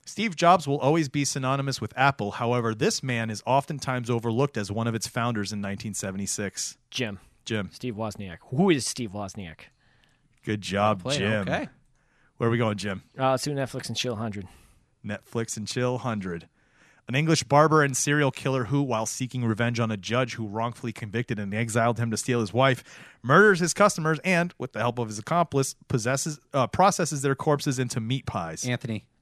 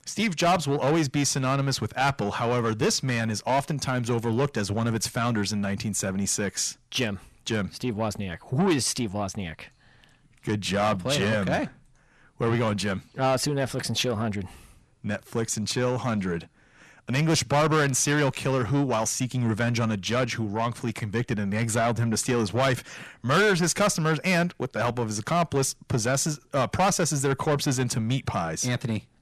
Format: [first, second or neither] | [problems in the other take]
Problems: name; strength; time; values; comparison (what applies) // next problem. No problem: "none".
first | distortion; heavy; 7 dB below the speech